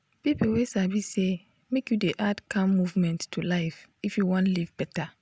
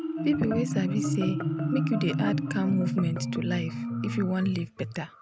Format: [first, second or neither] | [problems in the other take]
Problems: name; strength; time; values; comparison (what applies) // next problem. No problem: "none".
first | background sound (Marimba, xylophone); as loud as the speech